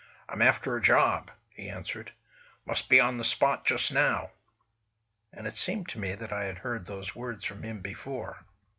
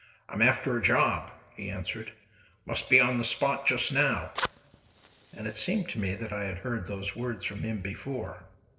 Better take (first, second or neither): first